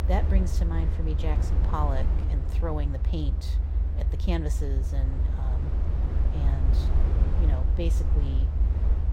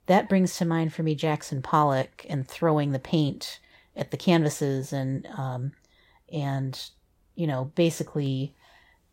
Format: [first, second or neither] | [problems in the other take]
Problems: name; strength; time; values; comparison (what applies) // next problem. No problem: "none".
second | low rumble; loud; throughout; 4 dB below the speech